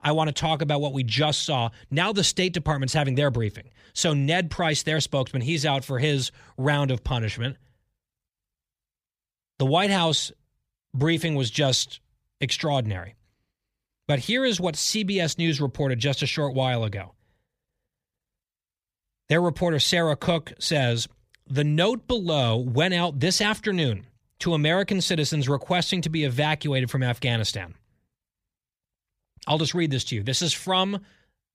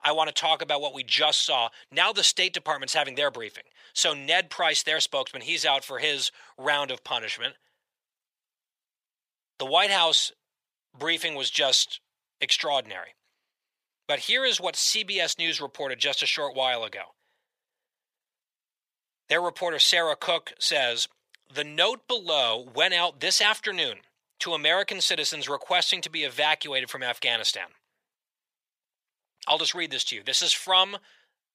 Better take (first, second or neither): first